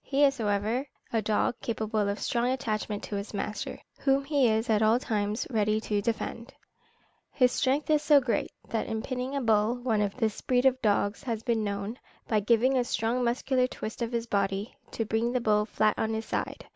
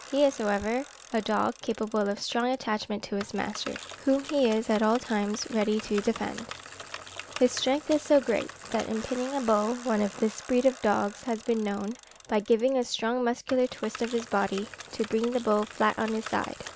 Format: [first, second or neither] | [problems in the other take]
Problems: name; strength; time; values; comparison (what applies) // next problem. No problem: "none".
first | background sound (Bicycle); 16 dB below the speech